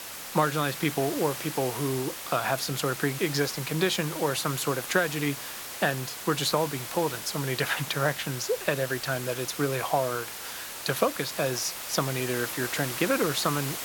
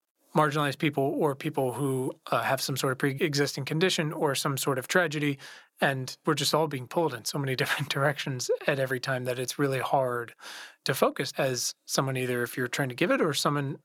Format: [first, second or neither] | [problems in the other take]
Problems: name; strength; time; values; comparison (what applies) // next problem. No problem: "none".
second | hiss; loud; throughout; 7 dB below the speech